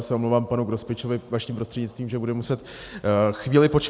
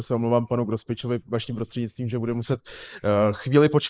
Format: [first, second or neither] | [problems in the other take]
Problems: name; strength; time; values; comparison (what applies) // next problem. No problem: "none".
first | noise reduction (neural mask model Resemble Enhance denoiser)